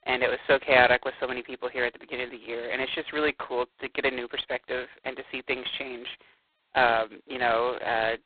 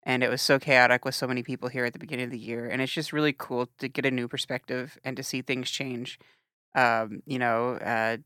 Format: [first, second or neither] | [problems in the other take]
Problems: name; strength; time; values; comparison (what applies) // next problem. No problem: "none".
second | phone-call audio; poor line; nothing above 4 kHz